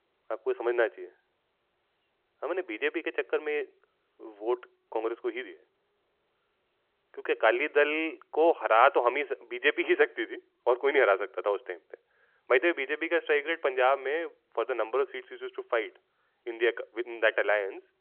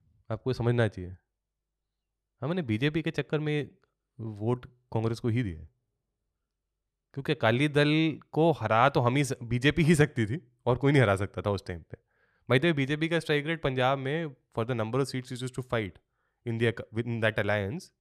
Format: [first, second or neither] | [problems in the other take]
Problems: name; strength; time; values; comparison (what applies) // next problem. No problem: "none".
second | phone-call audio; nothing above 3.5 kHz